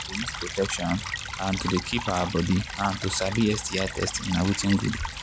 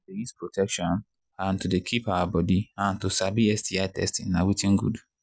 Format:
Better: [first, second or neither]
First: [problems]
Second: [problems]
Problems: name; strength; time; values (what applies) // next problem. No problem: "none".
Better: second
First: background sound (Stream / Trickle, dribble); 7 dB below the speech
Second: none